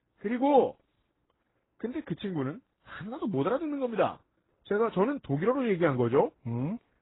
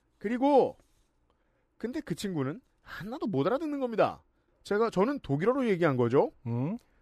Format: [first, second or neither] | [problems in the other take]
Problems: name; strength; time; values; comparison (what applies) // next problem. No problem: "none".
second | garbled, watery; badly; nothing above 4 kHz